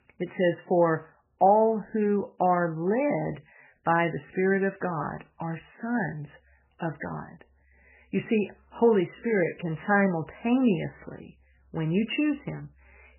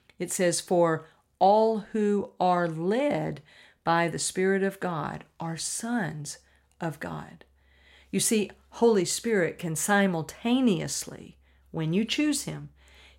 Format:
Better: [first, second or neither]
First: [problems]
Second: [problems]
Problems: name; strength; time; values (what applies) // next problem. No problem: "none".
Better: second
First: garbled, watery; badly; nothing above 3 kHz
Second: none